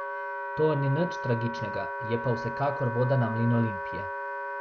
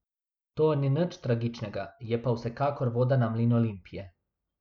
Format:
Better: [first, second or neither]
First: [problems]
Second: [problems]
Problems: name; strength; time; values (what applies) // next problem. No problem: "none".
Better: second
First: background sound (Wind instrument, woodwind instrument); 5 dB below the speech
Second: none